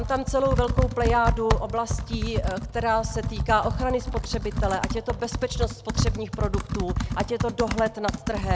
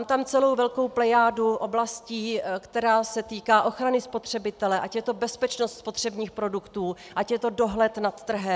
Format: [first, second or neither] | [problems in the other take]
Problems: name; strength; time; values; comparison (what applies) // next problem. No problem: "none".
second | background sound (Computer keyboard); as loud as the speech